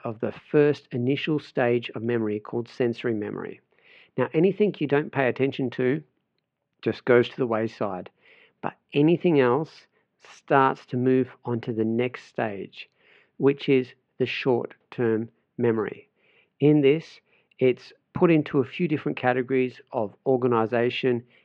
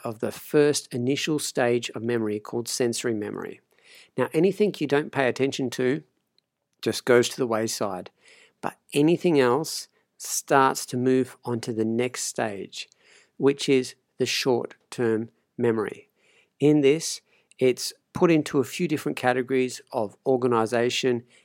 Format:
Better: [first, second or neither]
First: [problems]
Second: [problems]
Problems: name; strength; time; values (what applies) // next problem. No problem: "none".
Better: second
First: muffled; very; fading above 3 kHz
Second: none